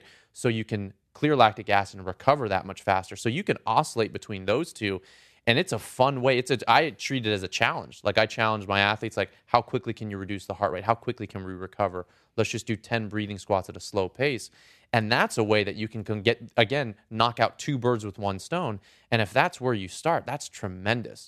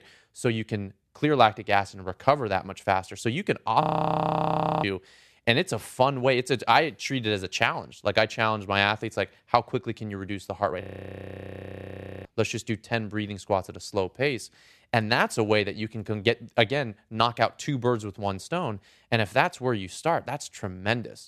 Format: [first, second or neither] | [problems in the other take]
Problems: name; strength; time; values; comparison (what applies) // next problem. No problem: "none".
first | audio freezing; at 4 s for 1 s and at 11 s for 1.5 s